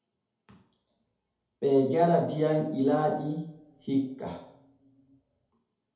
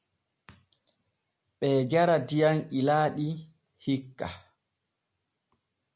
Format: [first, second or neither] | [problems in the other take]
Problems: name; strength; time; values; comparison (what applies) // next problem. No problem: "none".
second | room echo; dies away in 2.1 s